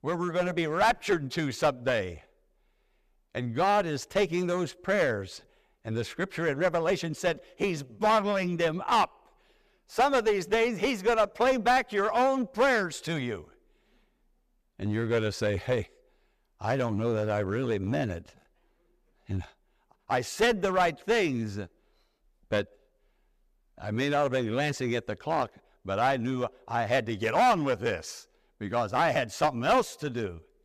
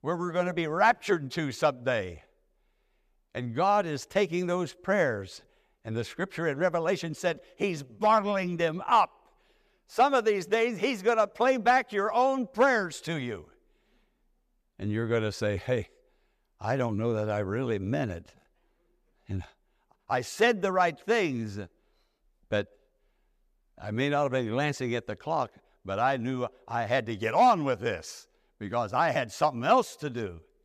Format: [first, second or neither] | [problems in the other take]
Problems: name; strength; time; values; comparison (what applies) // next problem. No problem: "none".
second | distortion; slight; 5% of the sound clipped